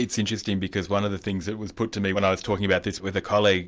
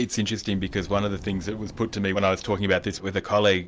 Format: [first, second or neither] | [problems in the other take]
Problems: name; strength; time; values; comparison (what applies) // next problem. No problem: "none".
first | background sound (Subway, metro, underground); 19 dB below the speech